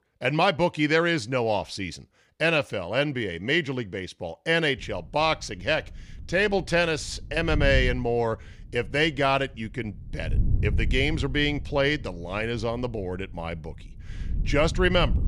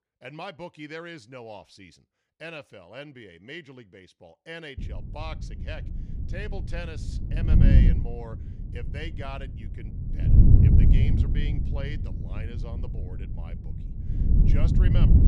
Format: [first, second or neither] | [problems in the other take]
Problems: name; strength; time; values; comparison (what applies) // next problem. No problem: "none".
first | wind noise on the microphone; heavy; from 5 s on; 3 dB above the speech; occasional gusts in the first